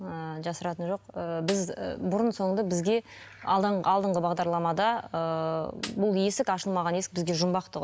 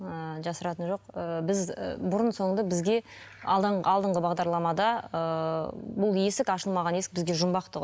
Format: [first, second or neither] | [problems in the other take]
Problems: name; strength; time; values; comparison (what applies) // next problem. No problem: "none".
second | background sound (Snare drum); 14 dB below the speech